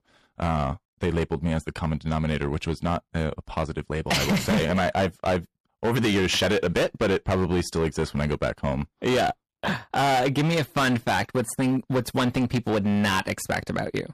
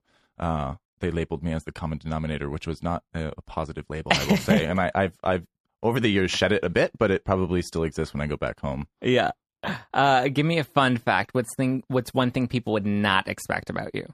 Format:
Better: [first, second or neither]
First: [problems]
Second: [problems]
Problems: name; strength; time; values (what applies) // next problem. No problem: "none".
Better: second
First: distortion; heavy; 14% of the sound clipped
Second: none